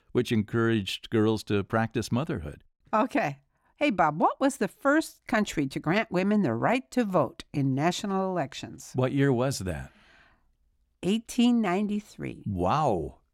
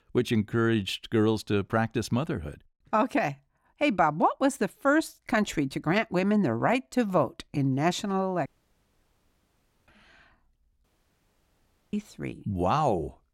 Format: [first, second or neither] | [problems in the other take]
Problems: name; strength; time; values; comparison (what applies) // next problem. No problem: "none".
first | audio cutting out; at 8.5 s for 1.5 s and at 11 s for 1 s